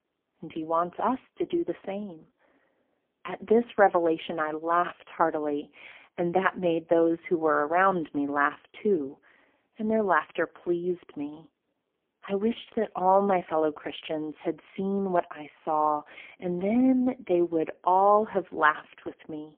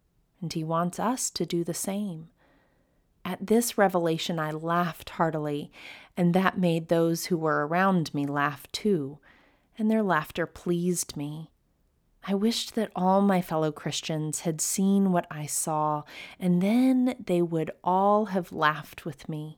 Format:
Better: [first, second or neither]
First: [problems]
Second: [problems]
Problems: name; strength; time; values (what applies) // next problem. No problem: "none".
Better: second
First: phone-call audio; poor line; nothing above 3.5 kHz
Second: none